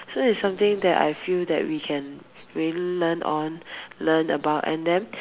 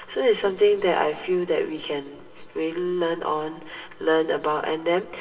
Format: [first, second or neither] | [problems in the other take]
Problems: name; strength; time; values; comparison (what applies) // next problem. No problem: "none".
first | room echo; dies away in 2.8 s